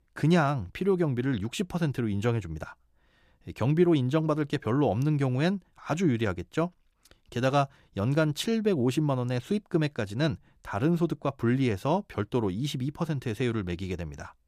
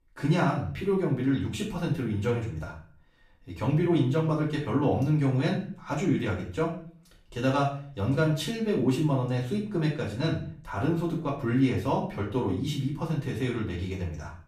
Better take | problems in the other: first | off-mic speech; far // room echo; slight; dies away in 0.4 s

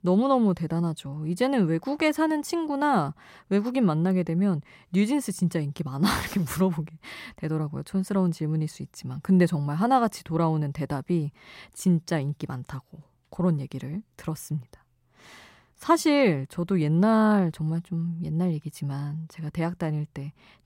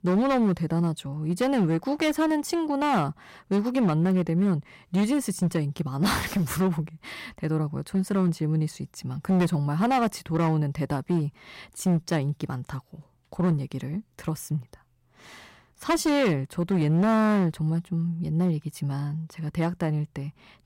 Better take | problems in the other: first | distortion; slight; 9% of the sound clipped

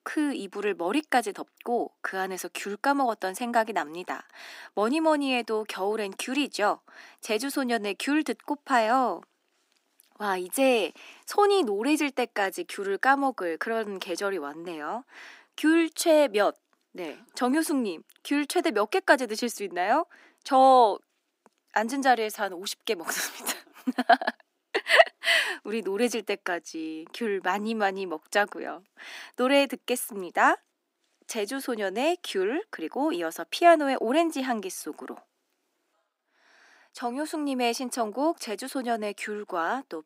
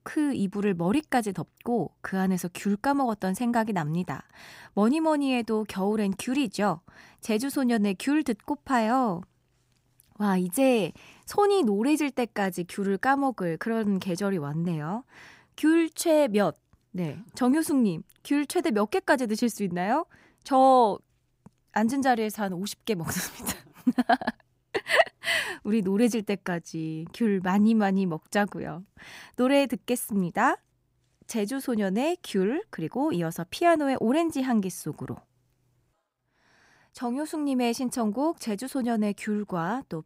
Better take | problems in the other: second | thin; somewhat; fading below 250 Hz

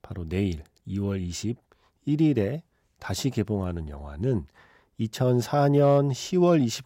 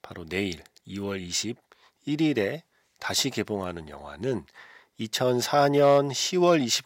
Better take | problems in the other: first | thin; somewhat; fading below 650 Hz

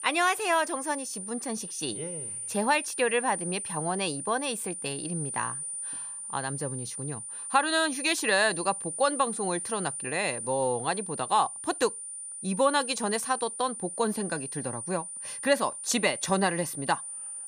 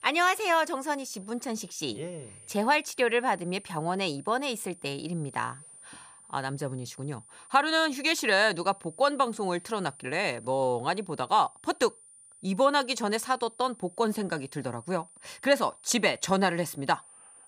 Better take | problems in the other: second | high-pitched whine; loud; throughout; 9.5 kHz, 6 dB below the speech; faint in the second

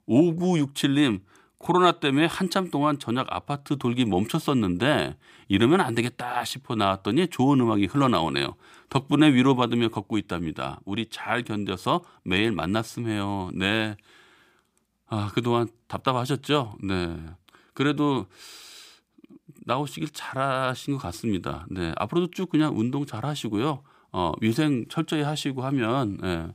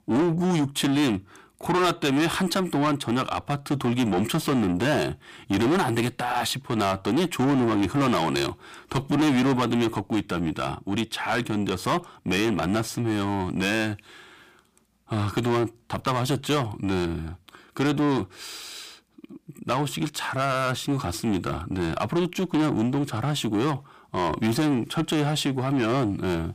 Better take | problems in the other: first | distortion; heavy; 7 dB below the speech

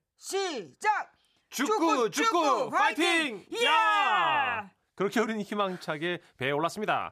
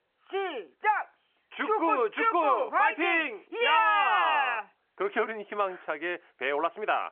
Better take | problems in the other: first | phone-call audio

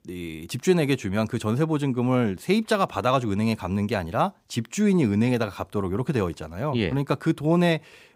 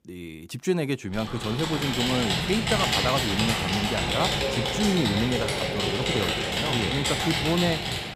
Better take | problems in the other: first | keyboard typing; loud; from 1 s on; peak 6 dB above the speech

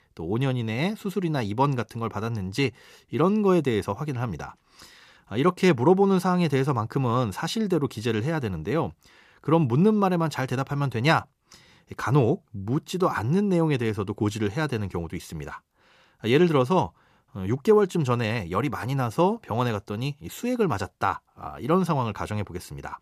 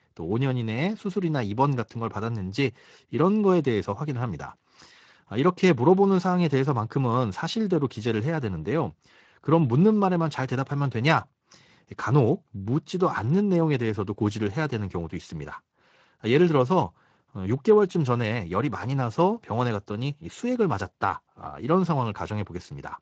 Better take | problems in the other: first | garbled, watery; slightly; nothing above 7.5 kHz

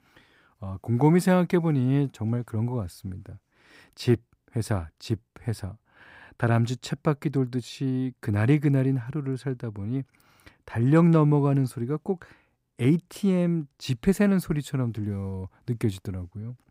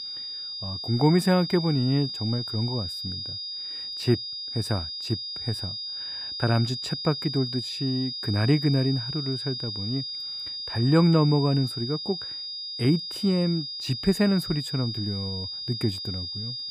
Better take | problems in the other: first | high-pitched whine; loud; throughout; 5 kHz, 5 dB below the speech

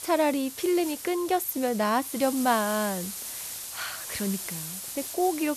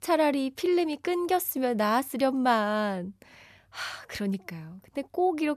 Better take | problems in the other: second | hiss; loud; throughout; 7 dB below the speech

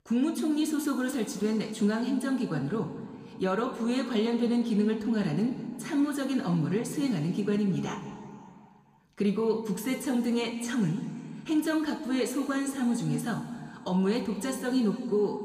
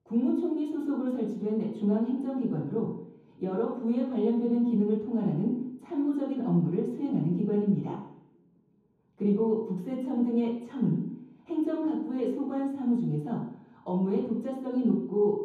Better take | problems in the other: first | room echo; strong; dies away in 0.9 s; slight in the first // off-mic speech; far; somewhat distant in the first

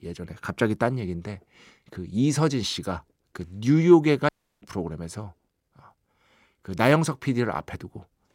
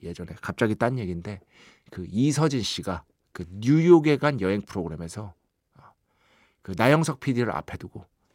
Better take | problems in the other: second | audio cutting out; at 4.5 s

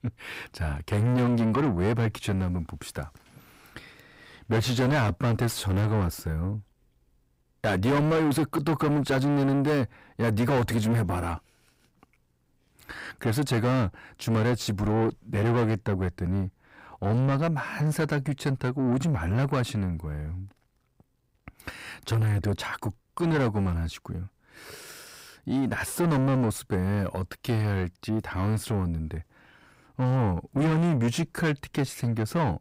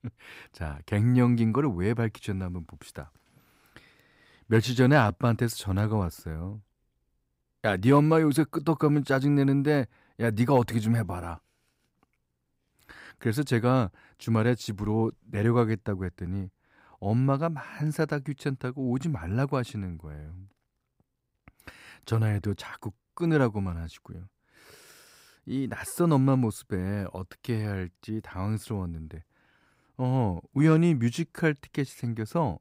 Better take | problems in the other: second | distortion; heavy; 6 dB below the speech

